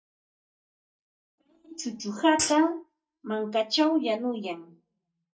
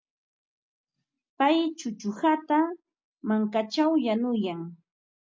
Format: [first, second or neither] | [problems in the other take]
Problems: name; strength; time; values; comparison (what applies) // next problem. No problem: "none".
second | noise reduction (neural mask model DeepFilterNet 3)